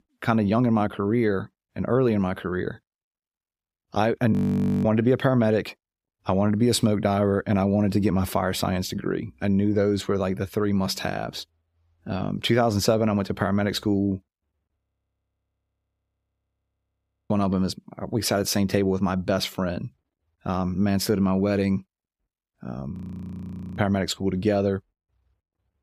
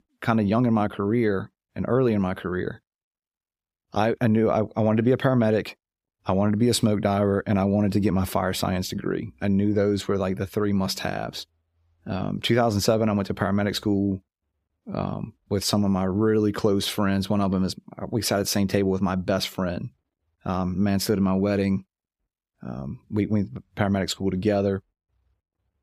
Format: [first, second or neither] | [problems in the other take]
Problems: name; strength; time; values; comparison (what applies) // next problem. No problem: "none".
second | audio freezing; at 4.5 s for 0.5 s, at 15 s for 2.5 s and at 23 s for 1 s